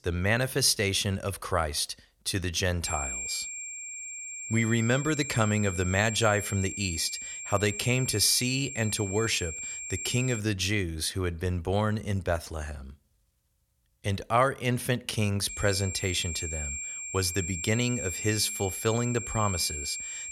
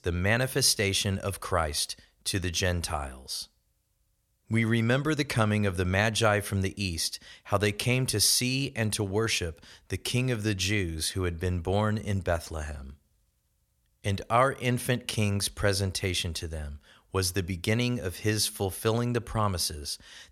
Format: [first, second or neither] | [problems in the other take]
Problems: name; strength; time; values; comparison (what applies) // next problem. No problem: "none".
second | high-pitched whine; loud; from 3 to 10 s and from 15 s on; 7.5 kHz, 6 dB below the speech